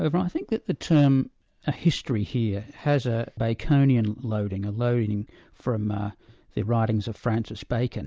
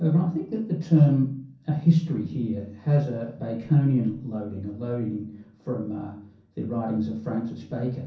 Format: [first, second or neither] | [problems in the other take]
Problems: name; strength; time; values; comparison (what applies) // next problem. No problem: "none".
first | room echo; dies away in 0.6 s